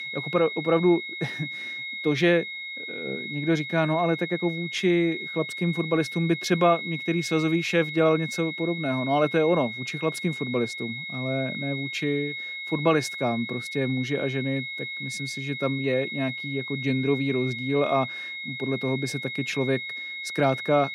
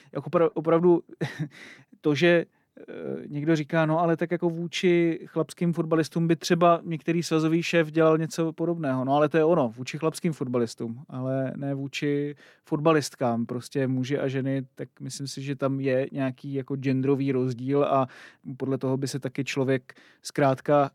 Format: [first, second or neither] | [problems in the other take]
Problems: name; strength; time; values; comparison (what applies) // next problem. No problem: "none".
second | high-pitched whine; loud; throughout; 2 kHz, 6 dB below the speech